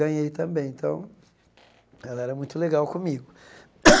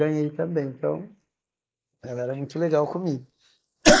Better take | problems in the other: first | noise reduction (neural mask model Resemble Enhance denoiser)

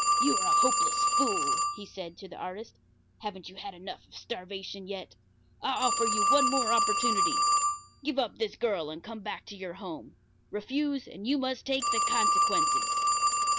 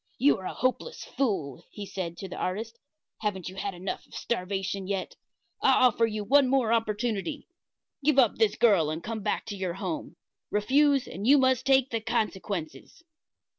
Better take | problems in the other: second | background sound (Telephone); 5 dB above the speech

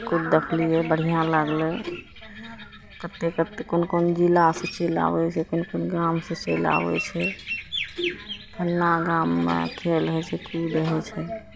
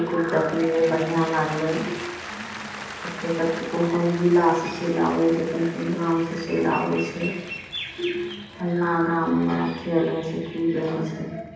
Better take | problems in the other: first | background sound (Applause / Cheering); 15 dB below the speech // room echo; dies away in 0.8 s

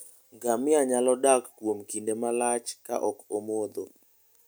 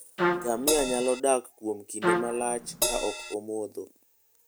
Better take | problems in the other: first | background sound (Trumpet + Crash cymbal); 1 dB above the speech

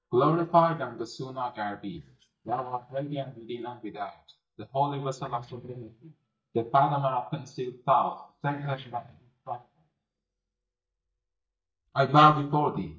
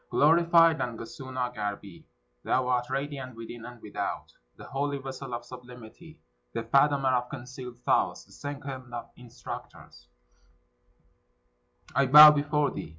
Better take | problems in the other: second | noise reduction (neural mask model DeepFilterNet 3)

